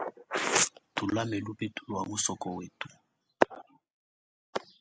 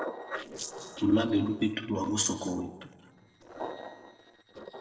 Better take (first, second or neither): first